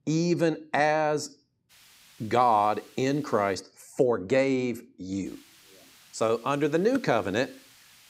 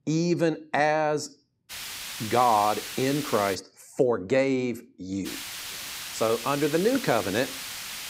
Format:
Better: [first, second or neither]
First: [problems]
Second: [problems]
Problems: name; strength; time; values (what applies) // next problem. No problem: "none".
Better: first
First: hiss; faint; from 1.5 to 3.5 s and from 5.5 s on; 25 dB below the speech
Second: hiss; loud; from 1.5 to 3.5 s and from 5.5 s on; 9 dB below the speech